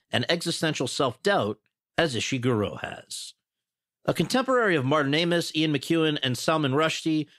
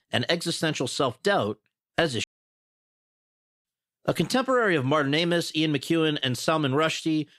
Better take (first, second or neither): first